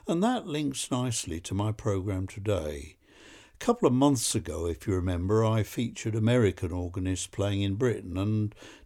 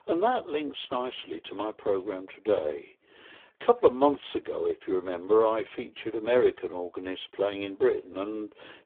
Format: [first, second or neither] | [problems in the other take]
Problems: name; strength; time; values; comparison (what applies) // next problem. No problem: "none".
first | phone-call audio; poor line